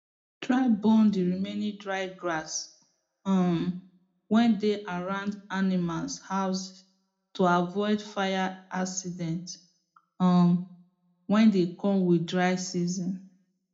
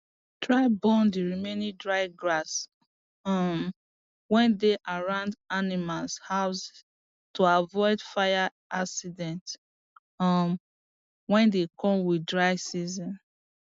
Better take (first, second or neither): second